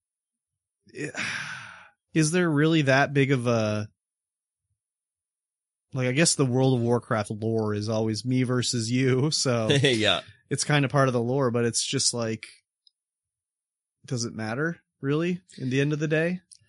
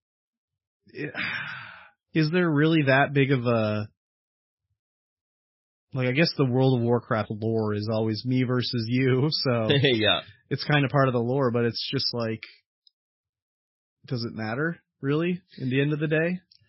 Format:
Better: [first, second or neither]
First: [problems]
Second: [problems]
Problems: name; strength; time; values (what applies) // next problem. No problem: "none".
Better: first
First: garbled, watery; slightly; nothing above 11 kHz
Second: garbled, watery; badly; nothing above 5.5 kHz